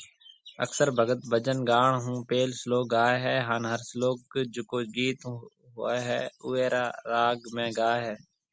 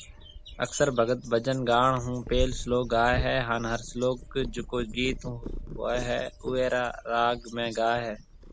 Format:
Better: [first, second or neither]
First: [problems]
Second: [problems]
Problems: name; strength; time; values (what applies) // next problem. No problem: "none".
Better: first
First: none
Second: background sound (Purr); 10 dB below the speech